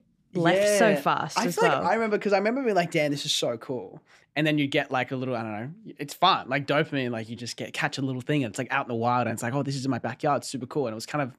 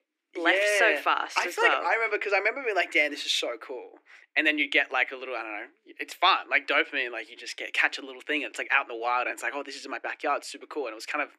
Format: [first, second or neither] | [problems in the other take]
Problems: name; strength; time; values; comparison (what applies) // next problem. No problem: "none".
first | thin; very; fading below 300 Hz